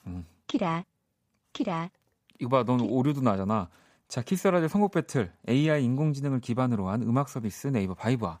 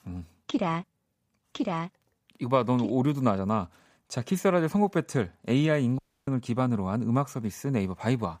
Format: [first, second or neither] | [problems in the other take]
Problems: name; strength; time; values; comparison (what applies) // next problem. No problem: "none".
first | audio cutting out; at 6 s